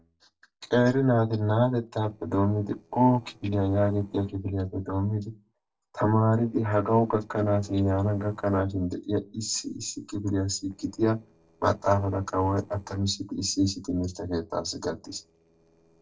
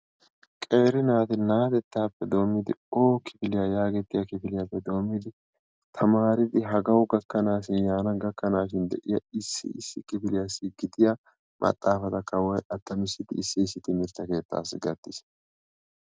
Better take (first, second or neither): second